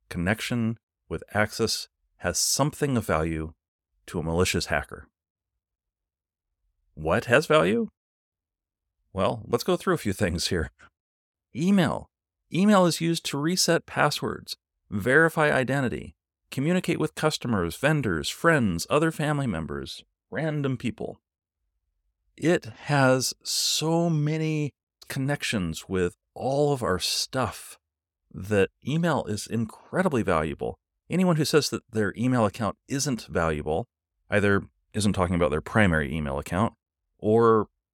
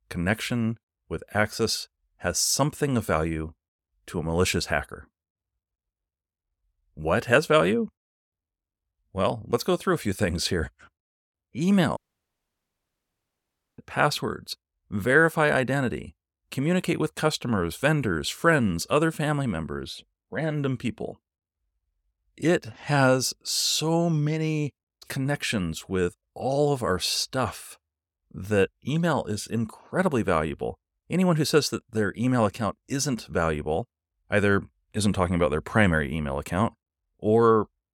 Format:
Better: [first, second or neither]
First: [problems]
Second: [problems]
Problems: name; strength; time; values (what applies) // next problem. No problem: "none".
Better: first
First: none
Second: audio cutting out; at 12 s for 2 s